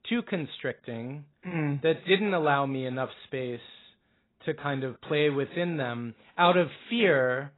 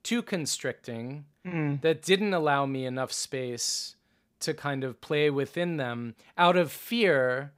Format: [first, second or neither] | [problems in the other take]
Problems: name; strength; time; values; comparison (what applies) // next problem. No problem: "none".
second | garbled, watery; badly; nothing above 4 kHz